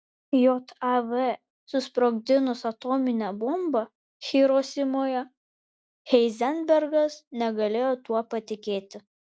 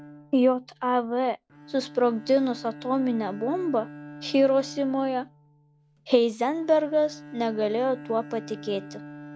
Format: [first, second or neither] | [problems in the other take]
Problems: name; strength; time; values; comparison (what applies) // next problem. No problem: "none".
first | background sound (Bowed string instrument); 17 dB below the speech